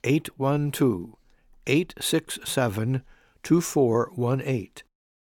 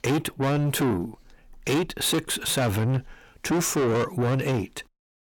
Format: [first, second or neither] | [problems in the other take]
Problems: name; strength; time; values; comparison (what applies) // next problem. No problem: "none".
first | distortion; heavy; 6 dB below the speech